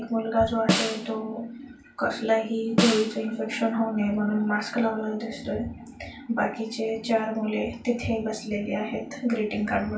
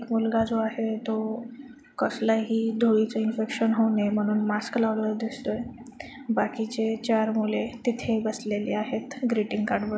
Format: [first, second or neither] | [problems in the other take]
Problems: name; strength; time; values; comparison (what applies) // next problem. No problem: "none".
second | background sound (Snare drum); 3 dB below the speech // room echo; dies away in 0.2 s